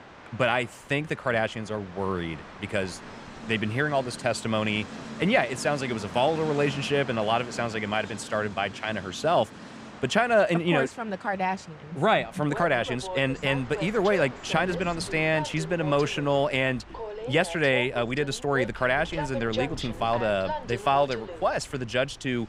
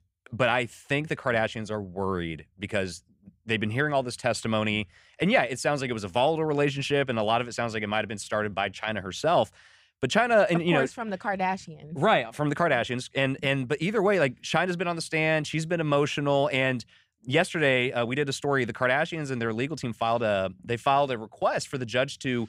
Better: second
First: train or aircraft noise; noticeable; throughout; 10 dB below the speech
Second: none

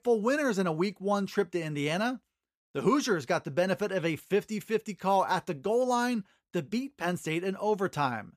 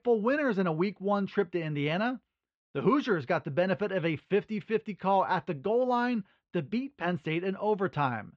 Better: first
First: none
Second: muffled; slightly; fading above 3.5 kHz

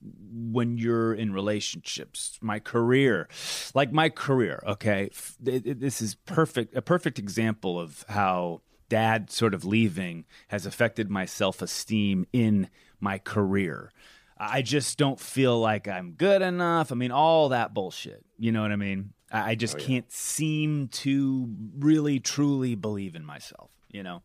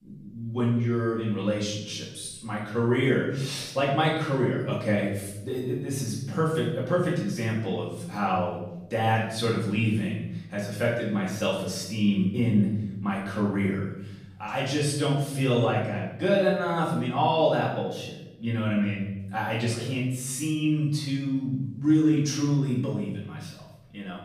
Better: first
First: none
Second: off-mic speech; far // room echo; noticeable; dies away in 1 s

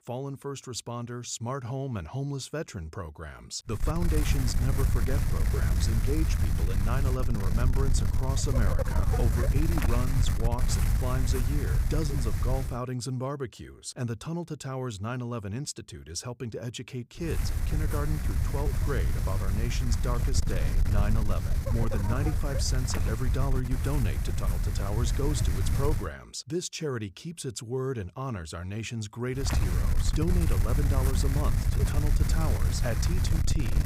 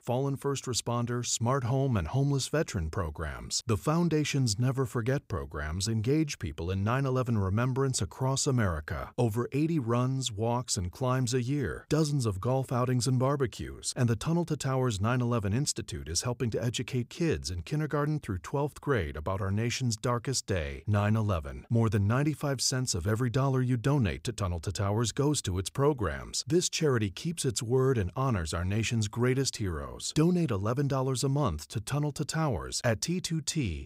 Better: second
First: wind noise on the microphone; heavy; from 4 to 13 s, from 17 to 26 s and from 29 s on; 3 dB below the speech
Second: none

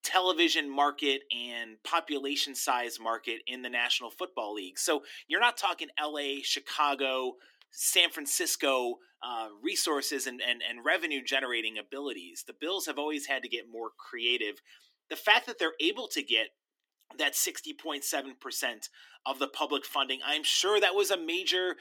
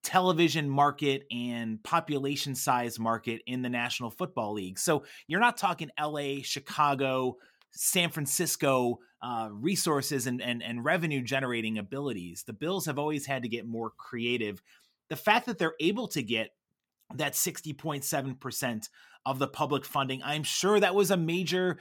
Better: second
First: thin; somewhat; fading below 300 Hz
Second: none

